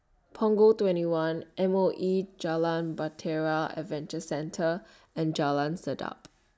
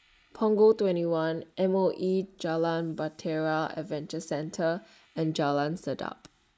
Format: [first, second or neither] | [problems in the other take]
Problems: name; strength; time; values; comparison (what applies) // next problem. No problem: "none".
first | noise reduction (neural mask model Resemble Enhance denoiser)